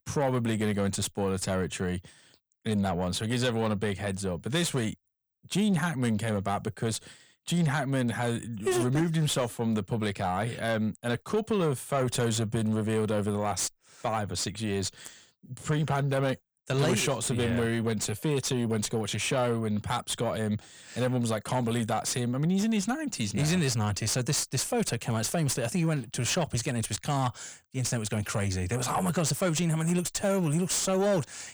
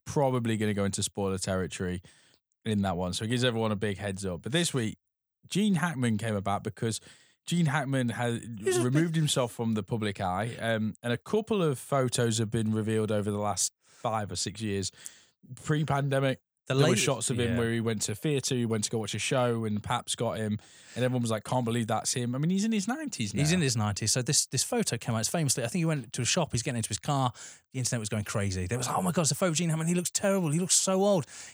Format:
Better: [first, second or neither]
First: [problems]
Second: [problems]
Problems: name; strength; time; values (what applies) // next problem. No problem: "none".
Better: second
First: distortion; slight; 10 dB below the speech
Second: none